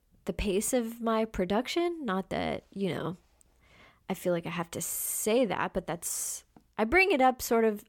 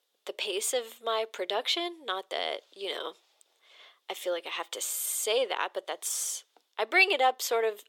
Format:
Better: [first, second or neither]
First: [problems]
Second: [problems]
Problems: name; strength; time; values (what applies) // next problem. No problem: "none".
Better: first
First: none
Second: thin; very; fading below 400 Hz